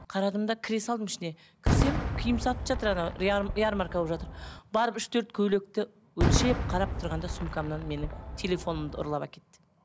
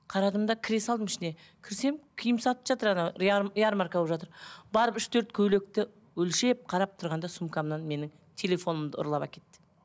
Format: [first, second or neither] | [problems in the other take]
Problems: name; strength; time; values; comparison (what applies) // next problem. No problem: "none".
second | background sound (Fireworks); 2 dB below the speech